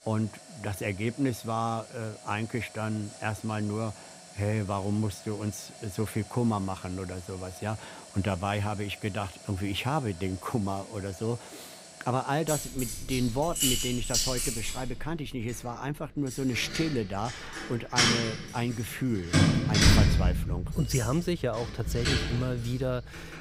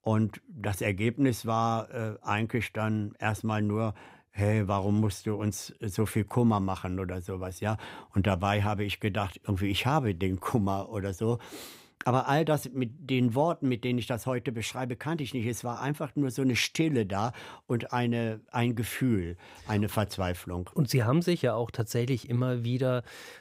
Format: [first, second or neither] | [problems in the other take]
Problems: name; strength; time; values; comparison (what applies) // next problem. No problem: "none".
second | household noises; very loud; throughout; 3 dB above the speech